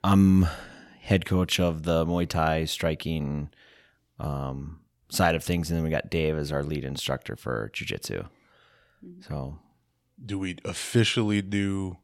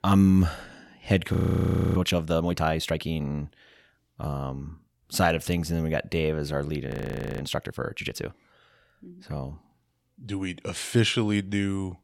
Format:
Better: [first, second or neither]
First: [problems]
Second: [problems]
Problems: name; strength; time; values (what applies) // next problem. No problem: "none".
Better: first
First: none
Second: audio freezing; at 1.5 s for 0.5 s and at 7 s for 0.5 s